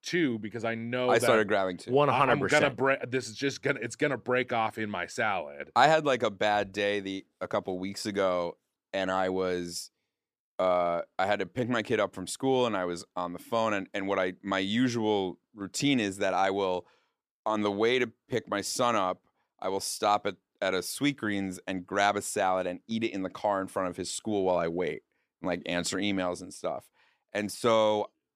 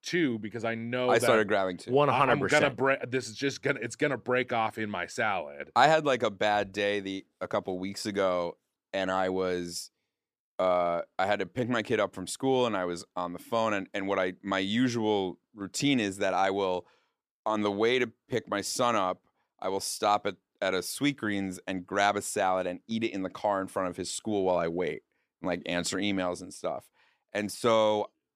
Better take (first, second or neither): neither